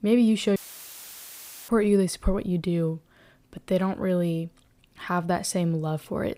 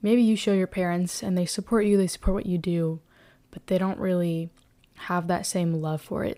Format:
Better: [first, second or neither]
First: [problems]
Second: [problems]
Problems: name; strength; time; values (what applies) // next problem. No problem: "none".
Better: second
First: audio cutting out; filled with static; at 0.5 s for 1 s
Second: none